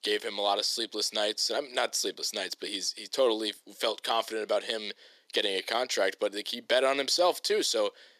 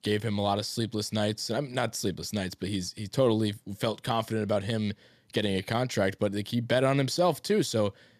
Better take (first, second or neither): second